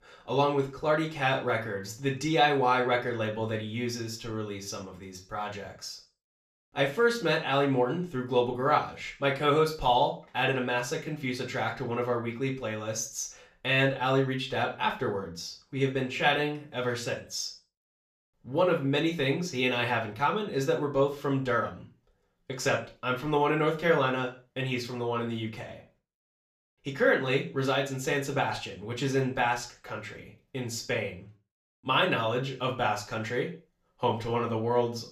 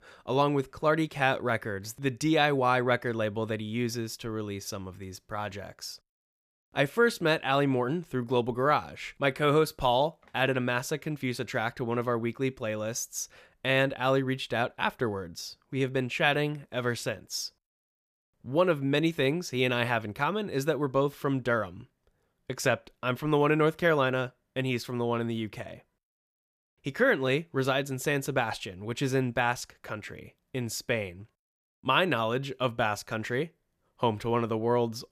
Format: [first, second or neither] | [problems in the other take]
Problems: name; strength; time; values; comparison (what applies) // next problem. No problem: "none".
second | room echo; slight; dies away in 0.3 s // off-mic speech; far